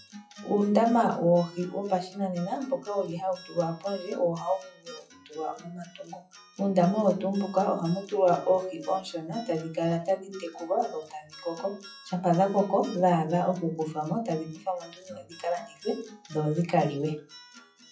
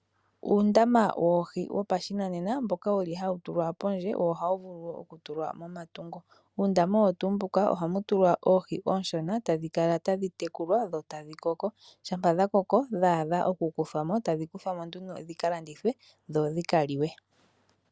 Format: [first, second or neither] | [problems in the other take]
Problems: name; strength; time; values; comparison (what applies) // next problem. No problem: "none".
second | noise reduction (classical method WPE with log-MMSE)